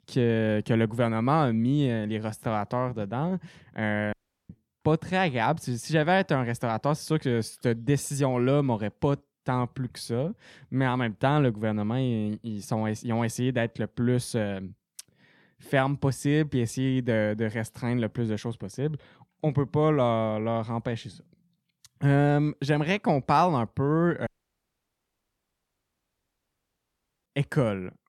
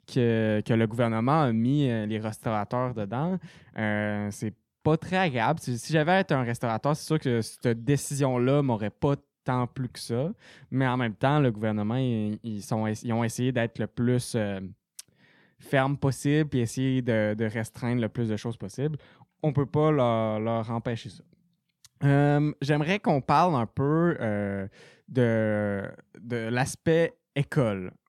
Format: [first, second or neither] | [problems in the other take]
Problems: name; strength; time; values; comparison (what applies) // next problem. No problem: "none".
second | audio cutting out; at 4 s and at 24 s for 3 s